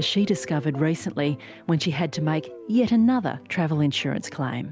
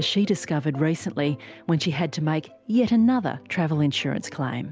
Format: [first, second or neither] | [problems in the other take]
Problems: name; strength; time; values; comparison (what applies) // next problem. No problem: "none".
second | background sound (Guitar); 19 dB below the speech